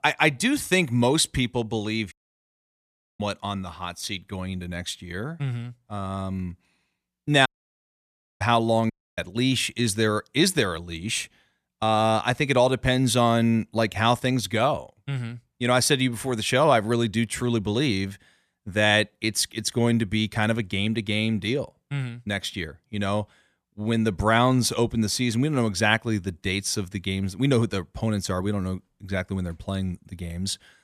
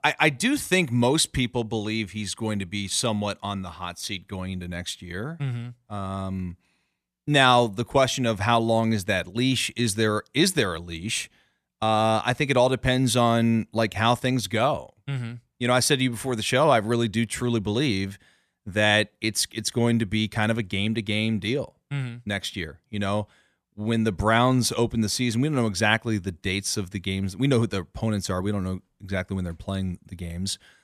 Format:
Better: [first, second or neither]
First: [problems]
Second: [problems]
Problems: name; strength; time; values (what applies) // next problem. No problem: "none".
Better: second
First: audio cutting out; at 2 s for 1 s, at 7.5 s for 1 s and at 9 s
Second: none